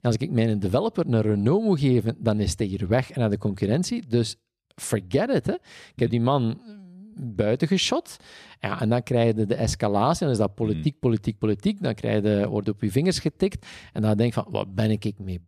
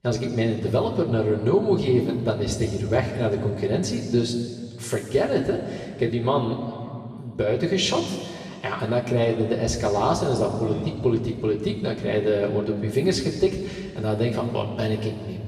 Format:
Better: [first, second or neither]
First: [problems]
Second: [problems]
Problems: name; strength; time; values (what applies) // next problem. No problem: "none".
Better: first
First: none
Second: room echo; noticeable; dies away in 2.1 s // off-mic speech; far